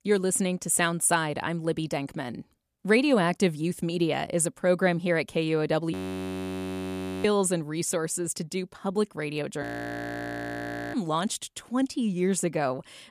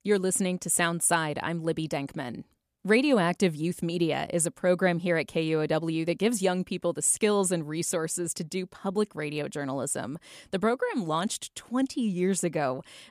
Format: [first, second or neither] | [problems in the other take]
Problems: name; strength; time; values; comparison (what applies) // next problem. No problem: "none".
second | audio freezing; at 6 s for 1.5 s and at 9.5 s for 1.5 s